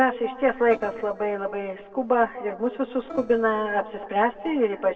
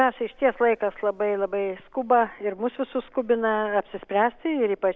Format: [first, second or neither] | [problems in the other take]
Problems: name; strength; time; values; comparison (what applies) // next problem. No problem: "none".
second | noise reduction (neural separator model SepFormer DNS4)